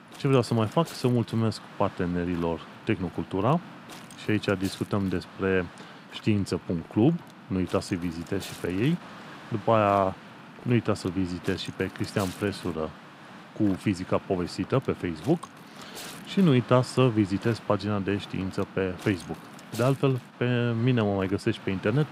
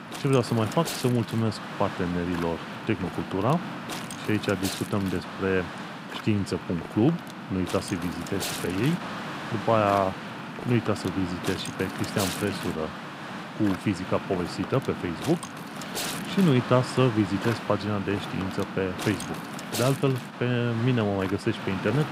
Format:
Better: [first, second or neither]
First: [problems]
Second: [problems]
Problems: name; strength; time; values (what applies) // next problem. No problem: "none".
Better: first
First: wind noise on the microphone; occasional gusts; 15 dB below the speech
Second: wind noise on the microphone; heavy; 5 dB below the speech